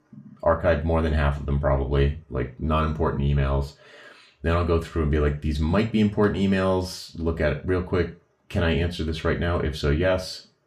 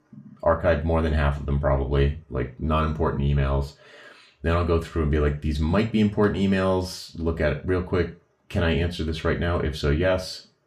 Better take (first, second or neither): neither